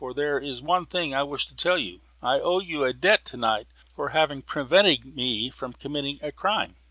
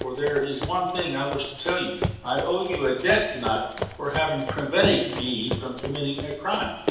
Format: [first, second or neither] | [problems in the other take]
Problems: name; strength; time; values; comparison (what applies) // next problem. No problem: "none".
first | background sound (Run); 7 dB below the speech // room echo; dies away in 0.8 s